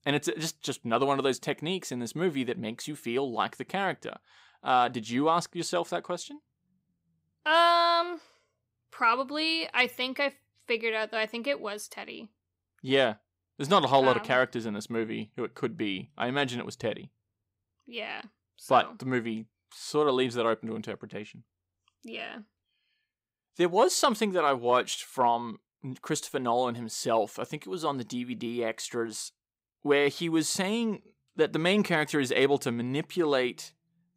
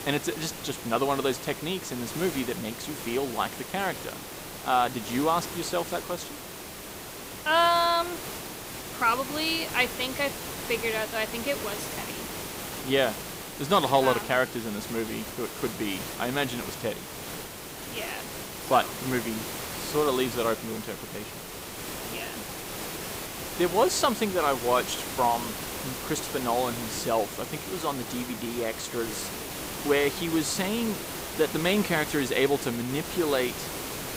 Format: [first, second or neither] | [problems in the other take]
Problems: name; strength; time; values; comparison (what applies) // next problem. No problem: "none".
first | hiss; loud; throughout; 7 dB below the speech